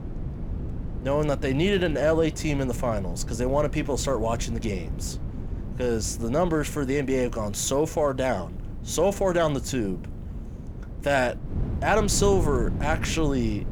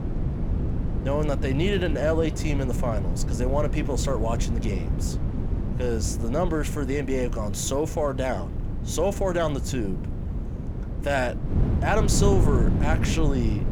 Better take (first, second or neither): first